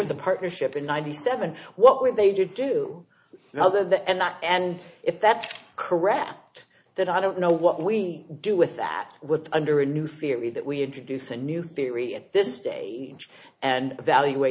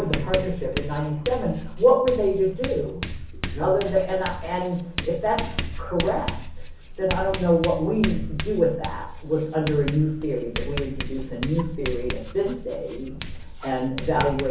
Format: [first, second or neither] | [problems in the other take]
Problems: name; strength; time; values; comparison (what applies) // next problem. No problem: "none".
first | background sound (Writing); 6 dB below the speech // room echo; dies away in 0.6 s